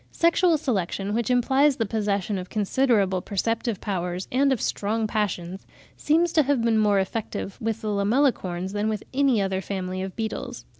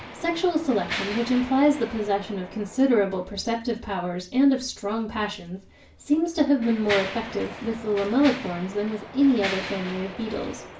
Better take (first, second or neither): first